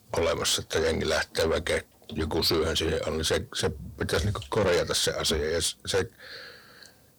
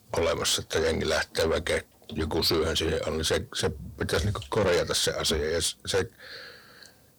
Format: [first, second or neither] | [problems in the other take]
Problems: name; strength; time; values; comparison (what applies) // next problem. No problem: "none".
neither | distortion; heavy; 7 dB below the speech; the same in both